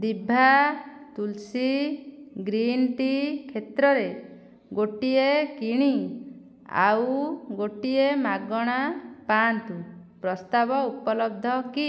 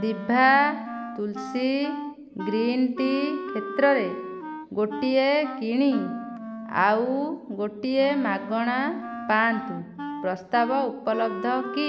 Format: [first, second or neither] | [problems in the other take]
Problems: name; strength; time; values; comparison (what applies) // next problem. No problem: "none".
first | background sound (Wind instrument, woodwind instrument); 11 dB below the speech